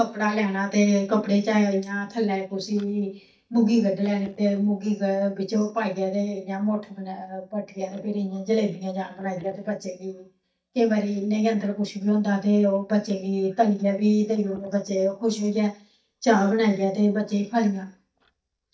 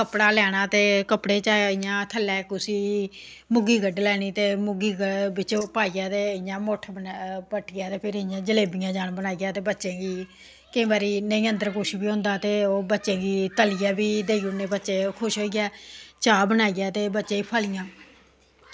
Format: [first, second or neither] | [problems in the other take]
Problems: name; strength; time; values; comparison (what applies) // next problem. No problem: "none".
second | noise reduction (neural mask model DeepFilterNet 3)